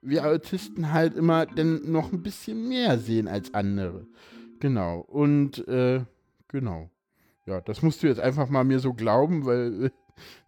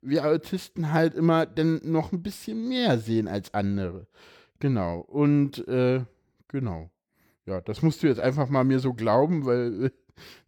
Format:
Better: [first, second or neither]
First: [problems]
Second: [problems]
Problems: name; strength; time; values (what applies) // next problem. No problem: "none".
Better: second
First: background music; faint; throughout; 20 dB below the speech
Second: none